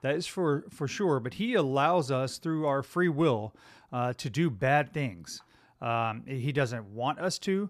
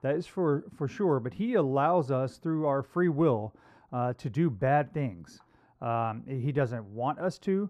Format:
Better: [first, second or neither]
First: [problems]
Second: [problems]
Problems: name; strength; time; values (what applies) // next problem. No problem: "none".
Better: first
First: none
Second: muffled; slightly; fading above 2 kHz